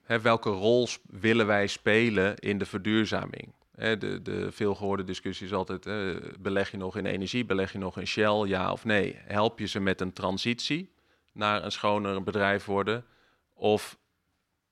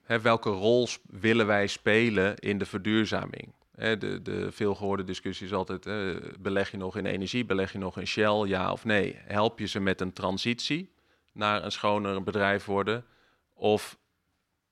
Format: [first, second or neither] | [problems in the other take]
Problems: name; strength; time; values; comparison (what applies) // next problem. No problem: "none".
neither | none